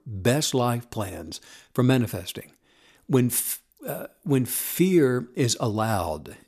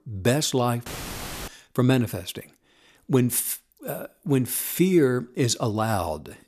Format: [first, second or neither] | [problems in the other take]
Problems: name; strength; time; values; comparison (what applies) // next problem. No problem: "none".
first | audio cutting out; filled with static; at 1 s for 0.5 s